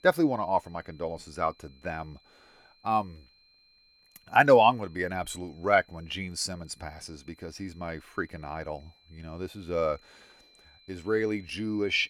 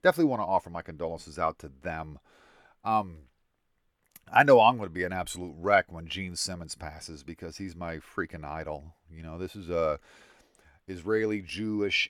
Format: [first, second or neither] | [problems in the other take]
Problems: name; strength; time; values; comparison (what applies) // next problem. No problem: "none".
second | high-pitched whine; faint; throughout; 4 kHz, 30 dB below the speech